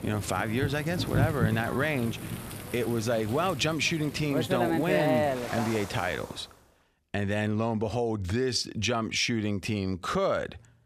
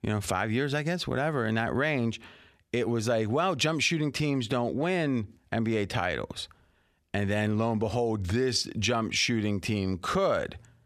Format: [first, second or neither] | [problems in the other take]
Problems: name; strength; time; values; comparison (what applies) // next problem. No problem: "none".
second | rain or running water; loud; until 6 s; 4 dB below the speech